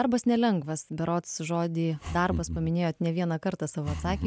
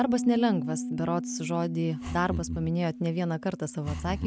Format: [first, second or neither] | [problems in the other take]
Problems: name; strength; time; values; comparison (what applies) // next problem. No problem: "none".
first | background sound (Piano); 7 dB below the speech